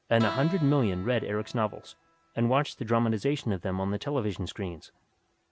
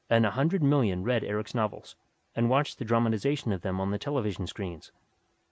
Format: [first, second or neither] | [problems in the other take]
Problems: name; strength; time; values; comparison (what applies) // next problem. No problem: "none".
second | background sound (Keyboard (musical)); 15 dB below the speech